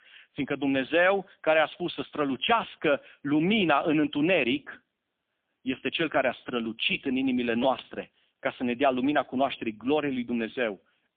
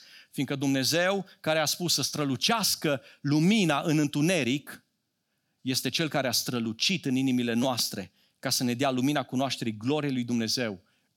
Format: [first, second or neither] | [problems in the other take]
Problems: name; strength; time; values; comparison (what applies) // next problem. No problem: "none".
second | phone-call audio; poor line; nothing above 3.5 kHz